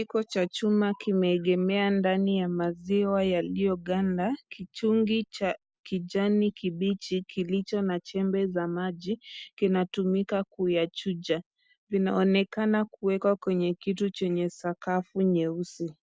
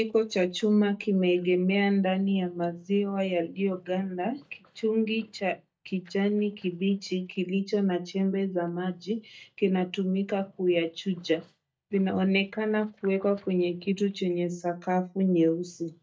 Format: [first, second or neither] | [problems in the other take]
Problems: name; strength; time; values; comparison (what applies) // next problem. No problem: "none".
first | noise reduction (neural mask model DeepFilterNet 3)